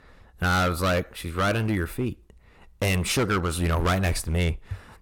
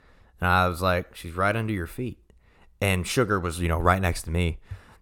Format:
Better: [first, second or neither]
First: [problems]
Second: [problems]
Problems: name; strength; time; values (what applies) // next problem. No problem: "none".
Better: second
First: distortion; heavy; 11% of the sound clipped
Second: none